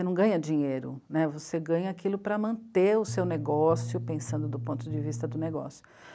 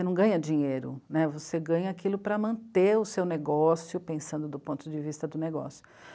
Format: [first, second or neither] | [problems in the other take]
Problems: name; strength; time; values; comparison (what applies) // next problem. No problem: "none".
second | background sound (Bass guitar); 6 dB below the speech